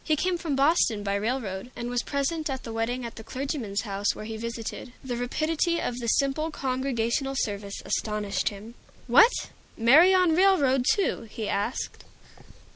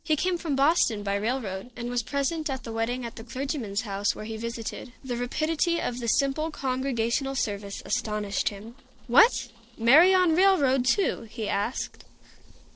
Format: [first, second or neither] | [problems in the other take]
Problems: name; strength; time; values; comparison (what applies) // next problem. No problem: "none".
first | noise reduction (neural separator model SepFormer DNS4)